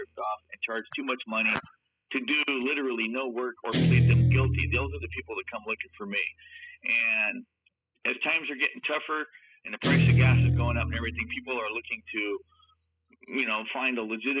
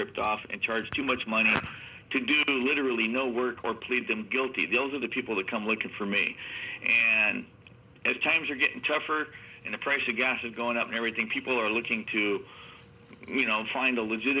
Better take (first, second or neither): second